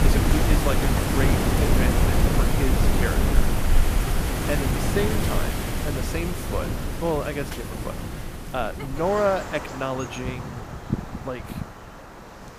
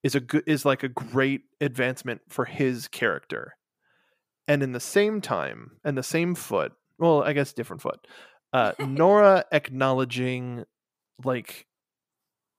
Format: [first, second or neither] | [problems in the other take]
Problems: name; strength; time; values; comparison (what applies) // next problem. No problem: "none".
second | wind in the background; very loud; throughout; 5 dB above the speech